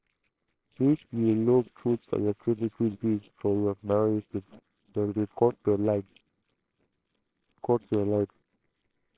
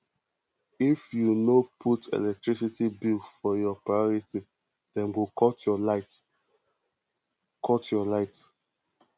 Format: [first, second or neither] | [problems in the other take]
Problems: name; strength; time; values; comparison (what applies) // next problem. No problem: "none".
second | noise reduction (neural separator model SepFormer WHAMR!)